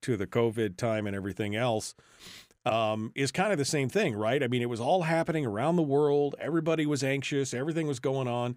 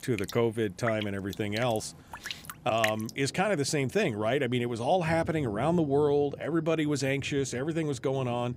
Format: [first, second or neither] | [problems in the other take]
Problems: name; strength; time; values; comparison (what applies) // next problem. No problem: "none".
first | rain or running water; noticeable; throughout; 15 dB below the speech